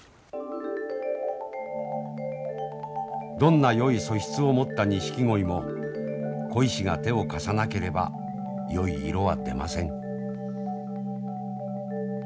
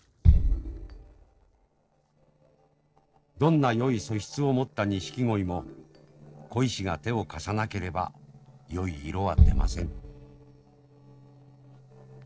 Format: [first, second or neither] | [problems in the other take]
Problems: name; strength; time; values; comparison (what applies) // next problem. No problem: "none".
first | noise reduction (neural separator model SepFormer DNS4)